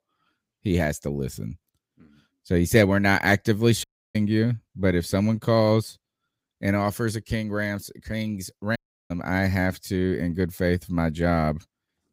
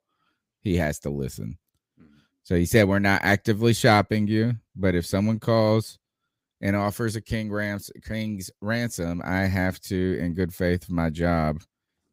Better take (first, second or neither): second